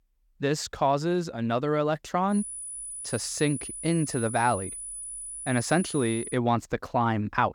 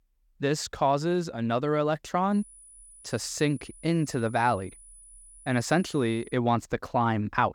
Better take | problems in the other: second | high-pitched whine; loud; from 2.5 to 6.5 s; 10 kHz, 8 dB below the speech; faint in the second

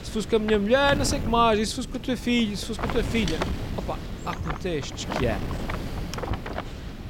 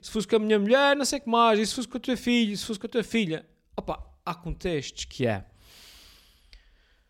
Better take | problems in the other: second | wind noise on the microphone; heavy; 9 dB below the speech

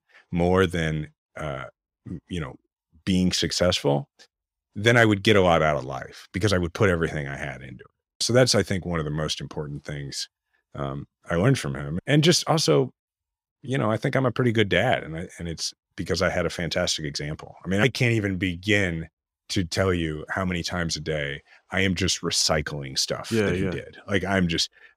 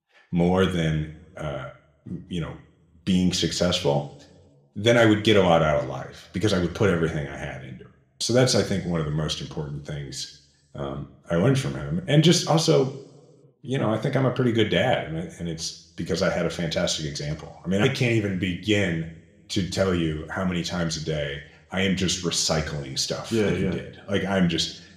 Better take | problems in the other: first | room echo; very slight; dies away in 0.6 s

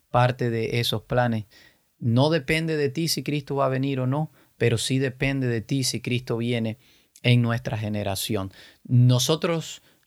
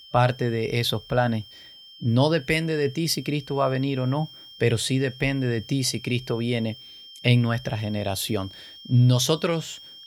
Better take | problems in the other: first | high-pitched whine; noticeable; throughout; 3 kHz, 20 dB below the speech

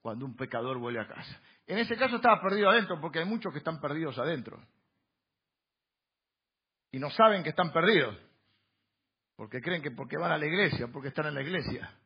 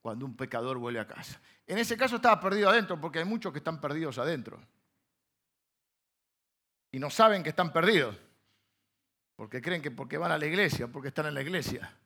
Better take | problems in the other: second | garbled, watery; badly

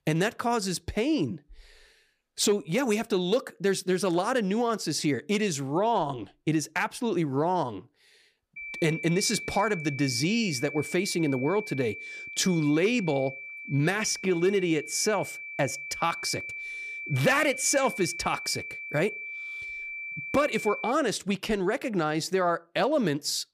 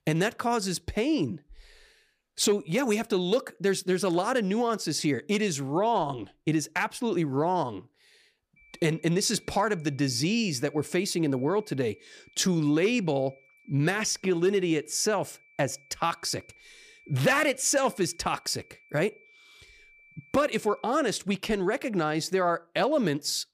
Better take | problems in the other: second | high-pitched whine; loud; from 8.5 to 21 s; 2.5 kHz, 9 dB below the speech; faint in the second

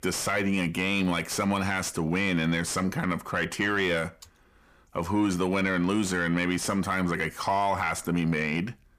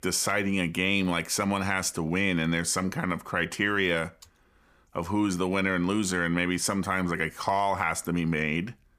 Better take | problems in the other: second | distortion; slight; 10 dB below the speech

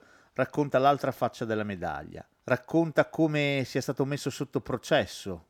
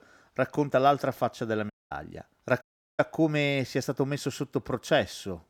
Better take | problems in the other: first | audio cutting out; at 1.5 s and at 2.5 s

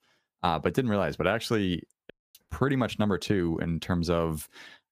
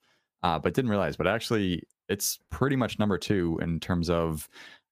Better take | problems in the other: second | audio cutting out; at 2 s

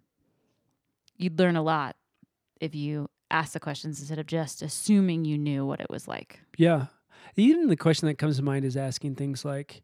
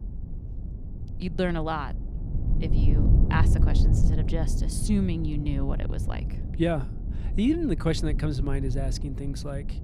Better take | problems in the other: first | low rumble; loud; throughout; 9 dB below the speech

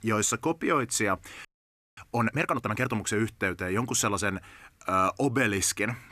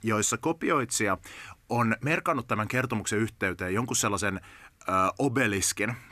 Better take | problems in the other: second | audio freezing; at 1.5 s for 0.5 s

